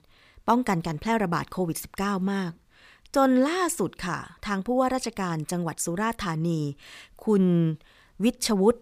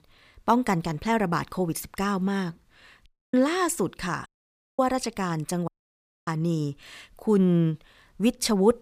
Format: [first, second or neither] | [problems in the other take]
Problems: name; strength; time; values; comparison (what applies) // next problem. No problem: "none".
first | audio cutting out; at 3 s, at 4.5 s for 0.5 s and at 5.5 s for 0.5 s